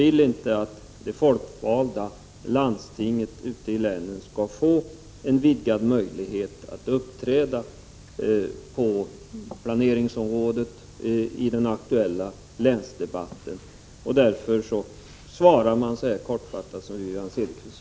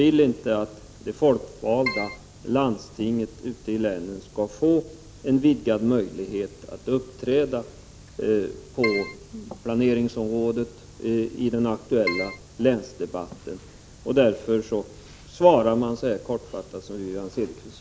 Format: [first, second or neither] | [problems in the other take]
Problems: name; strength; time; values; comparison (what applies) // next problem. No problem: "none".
first | background sound (Keyboard (musical)); 5 dB below the speech